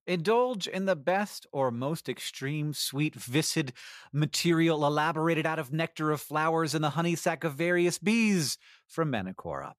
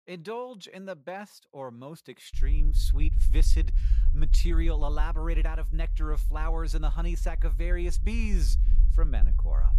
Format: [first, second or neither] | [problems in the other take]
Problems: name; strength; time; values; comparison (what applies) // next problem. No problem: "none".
first | low rumble; noticeable; from 2.5 s on; 15 dB below the speech